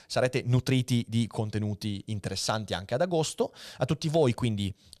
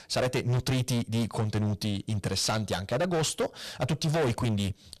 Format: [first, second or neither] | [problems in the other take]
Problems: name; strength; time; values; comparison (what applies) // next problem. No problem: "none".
first | distortion; heavy; 20% of the sound clipped